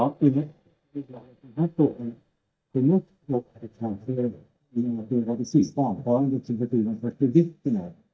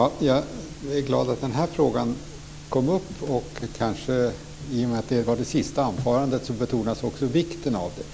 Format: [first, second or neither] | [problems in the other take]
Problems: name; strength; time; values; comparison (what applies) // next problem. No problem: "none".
second | noise reduction (neural mask model DeepFilterNet 3)